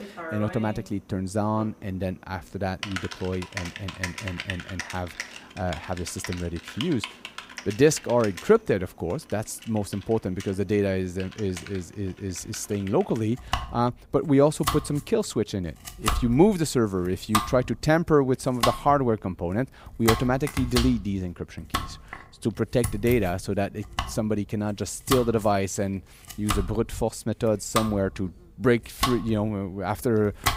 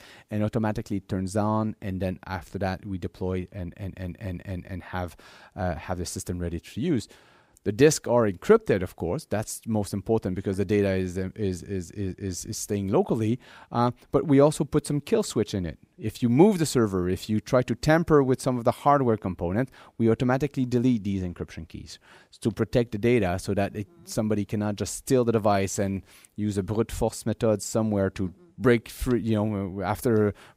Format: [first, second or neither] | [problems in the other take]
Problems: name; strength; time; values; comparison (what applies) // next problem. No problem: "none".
second | household noises; loud; throughout; 7 dB below the speech